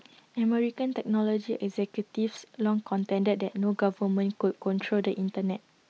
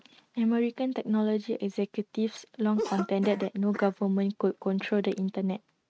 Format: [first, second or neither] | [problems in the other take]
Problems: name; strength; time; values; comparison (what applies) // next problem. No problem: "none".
first | noise reduction (neural mask model RNNoise)